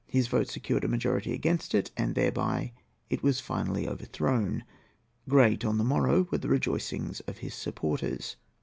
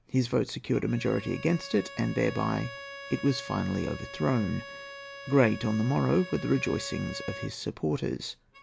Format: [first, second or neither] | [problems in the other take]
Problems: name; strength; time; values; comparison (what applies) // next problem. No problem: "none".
first | background sound (Bowed string instrument); 15 dB below the speech